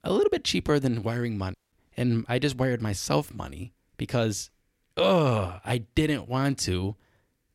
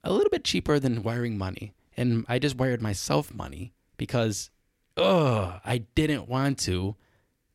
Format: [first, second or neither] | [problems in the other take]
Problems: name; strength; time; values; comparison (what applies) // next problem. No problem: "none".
second | audio cutting out; at 1.5 s